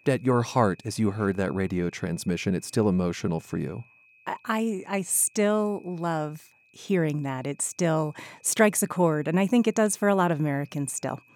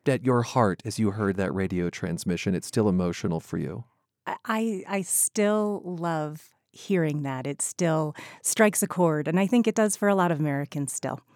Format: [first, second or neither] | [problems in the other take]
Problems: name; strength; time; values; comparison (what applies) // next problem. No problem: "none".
second | high-pitched whine; faint; throughout; 2.5 kHz, 30 dB below the speech